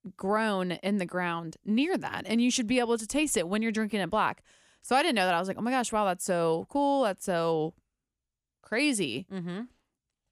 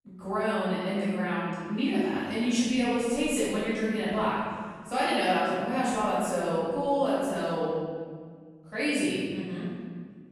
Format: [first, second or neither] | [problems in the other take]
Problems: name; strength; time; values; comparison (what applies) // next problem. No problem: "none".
first | off-mic speech; far // room echo; strong; dies away in 1.7 s